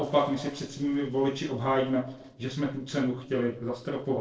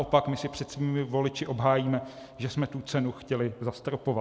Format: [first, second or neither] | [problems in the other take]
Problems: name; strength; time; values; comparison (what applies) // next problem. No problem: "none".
second | noise reduction (neural separator model SepFormer DNS4)